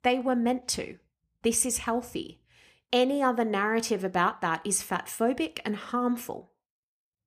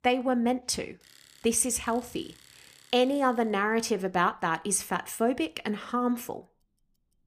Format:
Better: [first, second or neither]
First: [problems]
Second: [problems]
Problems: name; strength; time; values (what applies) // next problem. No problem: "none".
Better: first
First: none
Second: household noises; faint; throughout; 25 dB below the speech